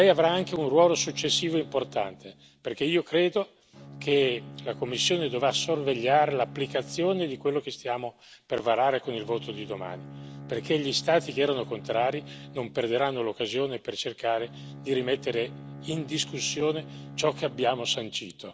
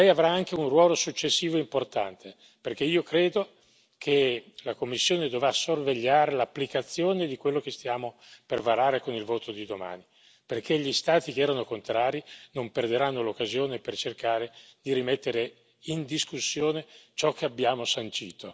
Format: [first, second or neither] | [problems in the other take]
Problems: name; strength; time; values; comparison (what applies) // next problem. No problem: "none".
second | background sound (Bowed string instrument); 16 dB below the speech